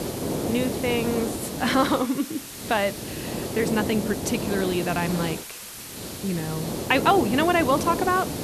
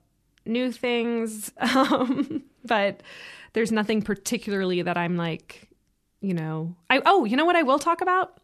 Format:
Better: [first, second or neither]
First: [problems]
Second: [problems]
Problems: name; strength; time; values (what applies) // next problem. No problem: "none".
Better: second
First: hiss; loud; throughout; 5 dB below the speech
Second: none